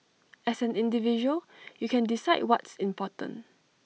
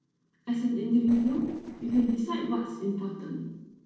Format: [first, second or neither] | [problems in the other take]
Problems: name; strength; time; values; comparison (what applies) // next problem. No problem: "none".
first | noise reduction (neural separator model SepFormer DNS4)